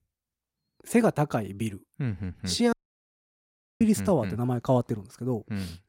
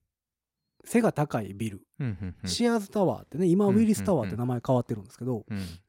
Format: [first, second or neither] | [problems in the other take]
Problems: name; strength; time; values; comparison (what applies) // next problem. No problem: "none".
second | audio cutting out; at 2.5 s for 1 s